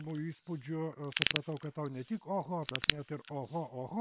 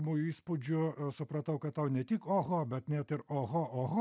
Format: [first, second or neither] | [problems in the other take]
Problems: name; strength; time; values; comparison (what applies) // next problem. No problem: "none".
second | noise reduction (neural separator model SepFormer WHAM!)